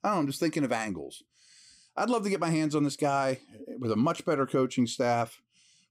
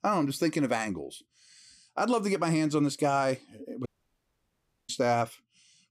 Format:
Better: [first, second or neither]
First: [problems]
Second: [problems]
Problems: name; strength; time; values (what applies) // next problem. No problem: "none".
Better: first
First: none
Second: audio cutting out; at 4 s for 1 s